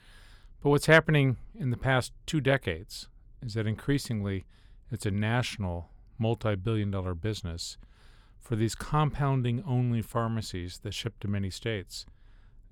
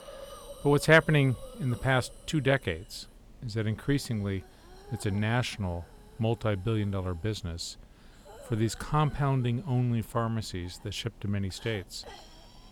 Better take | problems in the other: first | hiss; faint; throughout; 20 dB below the speech

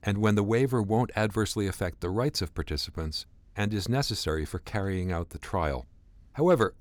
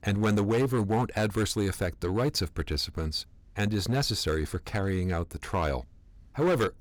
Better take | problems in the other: first | distortion; slight; 7% of the sound clipped

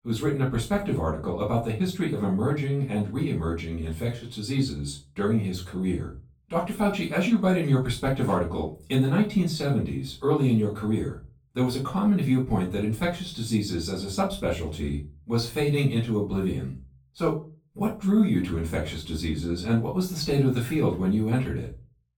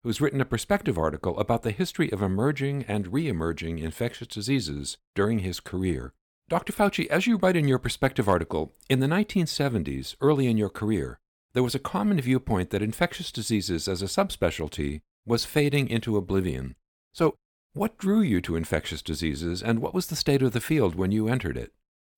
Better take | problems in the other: second | off-mic speech; far // room echo; slight; dies away in 0.3 s

